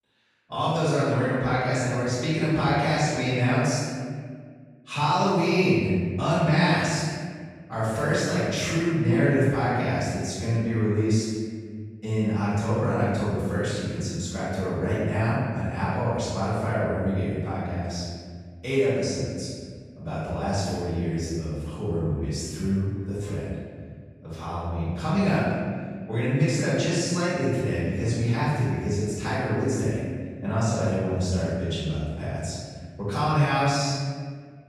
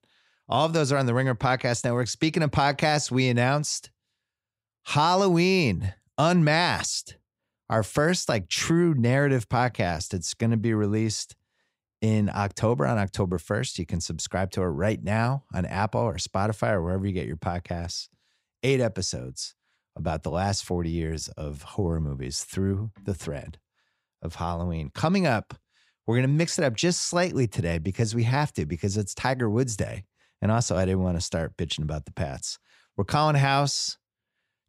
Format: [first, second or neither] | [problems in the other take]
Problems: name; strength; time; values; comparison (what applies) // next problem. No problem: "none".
second | room echo; strong; dies away in 1.8 s // off-mic speech; far